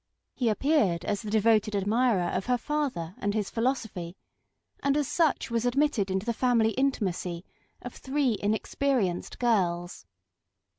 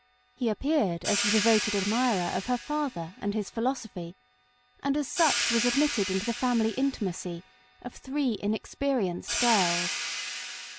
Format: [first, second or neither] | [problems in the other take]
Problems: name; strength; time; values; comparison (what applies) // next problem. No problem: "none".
first | background sound (Hi-hat); 6 dB below the speech